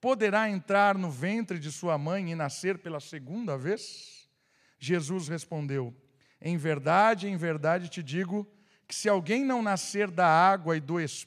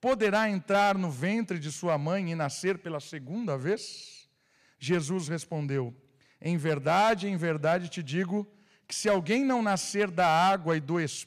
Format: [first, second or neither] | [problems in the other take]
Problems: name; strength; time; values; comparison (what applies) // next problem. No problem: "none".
first | distortion; slight; 3% of the sound clipped